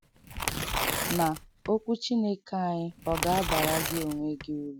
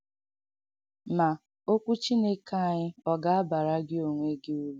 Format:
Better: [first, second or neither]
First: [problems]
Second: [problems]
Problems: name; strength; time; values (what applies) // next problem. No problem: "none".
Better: second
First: background sound (Tearing); 3 dB below the speech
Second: none